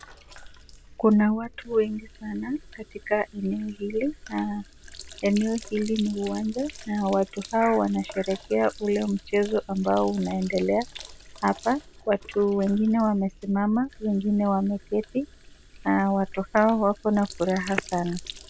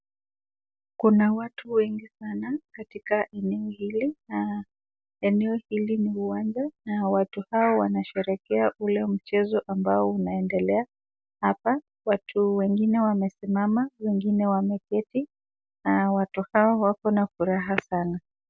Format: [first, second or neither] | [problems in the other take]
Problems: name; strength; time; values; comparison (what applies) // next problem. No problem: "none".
second | background sound (Sink (filling or washing)); 18 dB below the speech